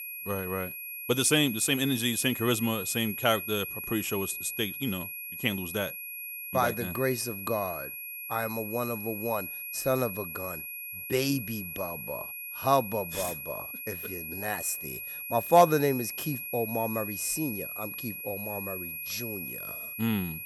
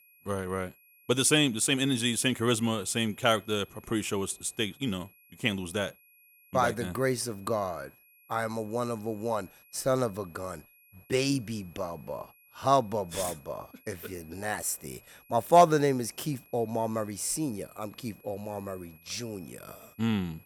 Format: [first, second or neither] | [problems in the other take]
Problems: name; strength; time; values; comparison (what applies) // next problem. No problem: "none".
second | high-pitched whine; loud; throughout; 2.5 kHz, 6 dB below the speech; faint in the second